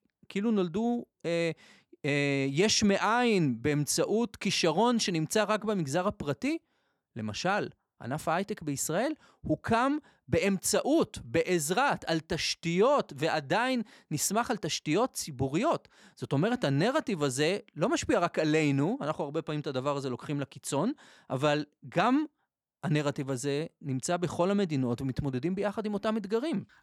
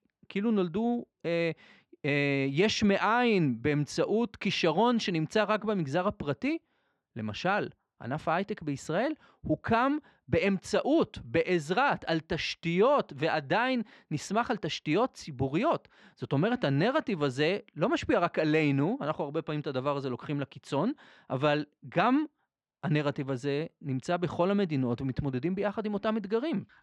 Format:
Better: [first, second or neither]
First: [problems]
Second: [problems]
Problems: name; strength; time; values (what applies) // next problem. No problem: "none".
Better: first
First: none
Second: muffled; slightly; fading above 3 kHz